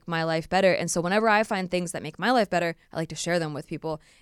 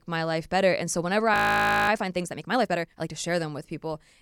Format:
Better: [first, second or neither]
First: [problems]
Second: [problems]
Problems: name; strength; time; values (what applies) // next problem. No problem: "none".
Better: first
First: none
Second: audio freezing; at 1.5 s for 0.5 s